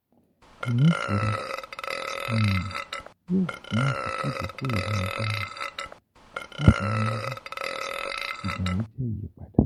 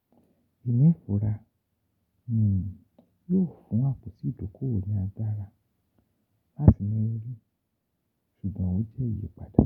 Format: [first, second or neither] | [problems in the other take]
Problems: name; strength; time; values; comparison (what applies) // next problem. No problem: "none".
second | background sound (Burping, eructation); 5 dB below the speech